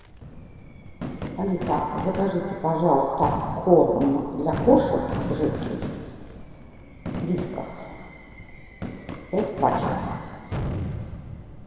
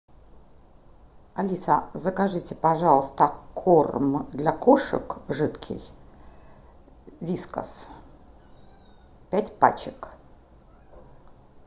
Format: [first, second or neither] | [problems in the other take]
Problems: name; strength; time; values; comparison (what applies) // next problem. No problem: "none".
second | background sound (Fireworks); 8 dB below the speech // room echo; dies away in 2.2 s